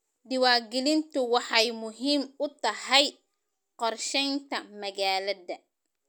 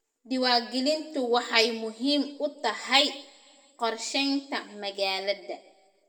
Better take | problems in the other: first | room echo; dies away in 0.8 s

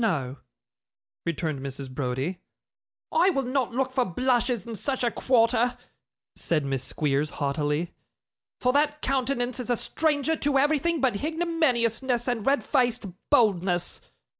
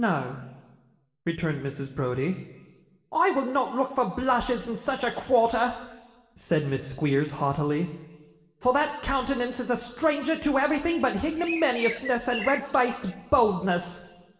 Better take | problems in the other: first | background sound (Bird); 10 dB below the speech // room echo; dies away in 1.1 s

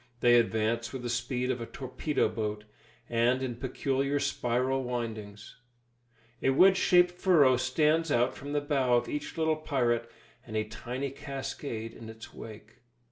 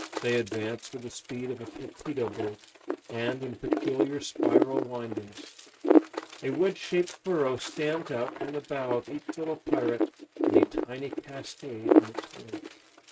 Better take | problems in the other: first | noise reduction (neural mask model RNNoise)

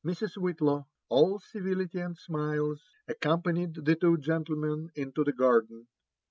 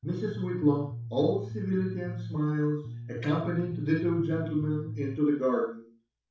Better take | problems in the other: first | background sound (Bass guitar); 8 dB below the speech // room echo; dies away in 0.4 s

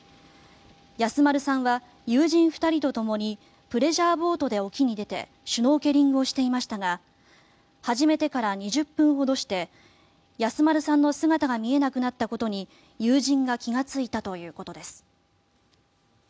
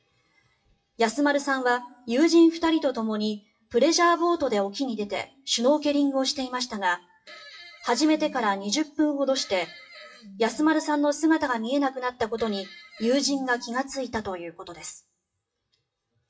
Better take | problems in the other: first | noise reduction (classical method WPE with log-MMSE)

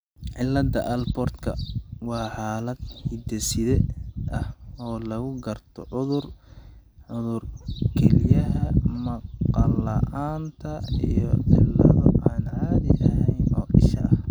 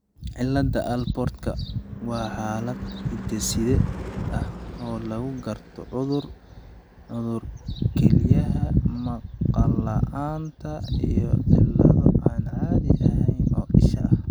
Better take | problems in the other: first | background sound (Car passing by / Engine / Truck); 19 dB below the speech

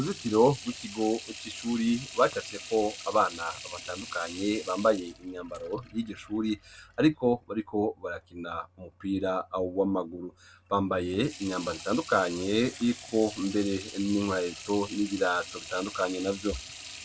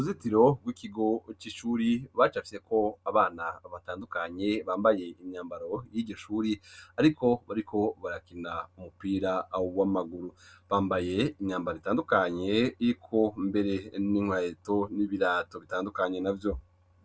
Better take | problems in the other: second | background sound (Sink (filling or washing) / Water tap, faucet); 15 dB below the speech

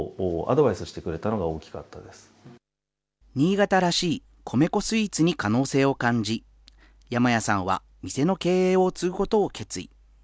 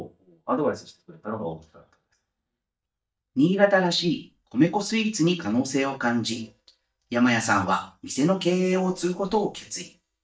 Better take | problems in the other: first | noise reduction (neural mask model DeepFilterNet 3)

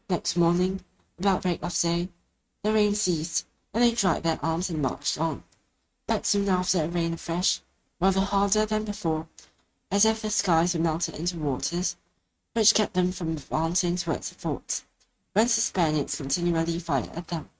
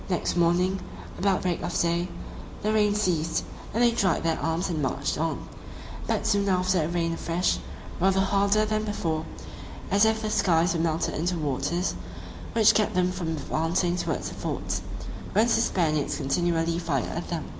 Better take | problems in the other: second | noise reduction (neural mask model RNNoise)

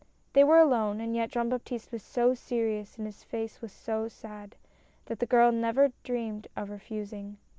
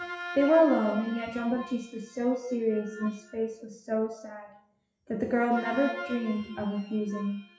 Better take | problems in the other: first | noise reduction (classical method WPE with log-MMSE)

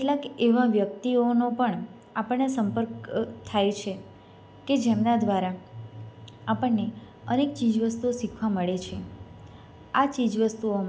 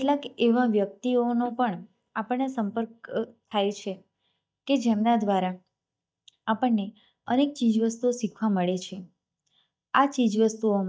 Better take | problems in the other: first | noise reduction (neural mask model DeepFilterNet 3)

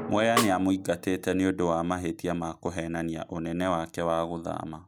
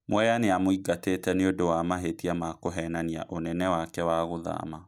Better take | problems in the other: second | background sound (Snare drum + Drum); 11 dB below the speech

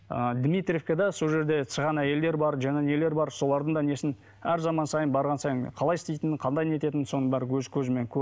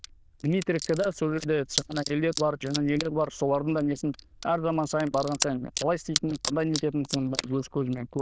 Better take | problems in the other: first | noise reduction (neural diffusion model UNIVERSE++)

